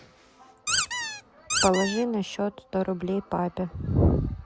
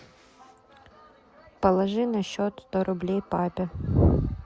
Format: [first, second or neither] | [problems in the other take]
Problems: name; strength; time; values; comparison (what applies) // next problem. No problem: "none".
second | background sound (Squeak); 1 dB below the speech